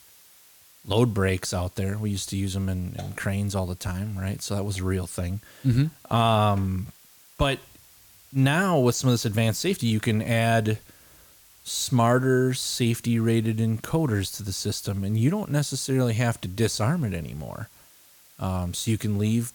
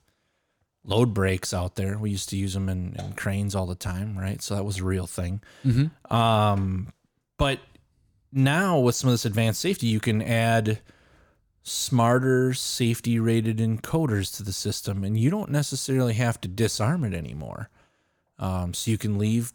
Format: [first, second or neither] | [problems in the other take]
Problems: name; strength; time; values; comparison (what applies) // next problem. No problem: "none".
second | hiss; faint; throughout; 25 dB below the speech